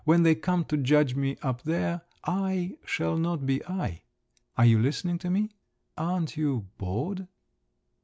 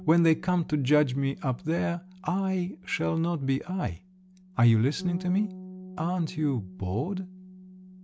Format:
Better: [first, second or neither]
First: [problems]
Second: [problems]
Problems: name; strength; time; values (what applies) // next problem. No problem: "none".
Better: first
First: none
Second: background sound (Bass guitar); 17 dB below the speech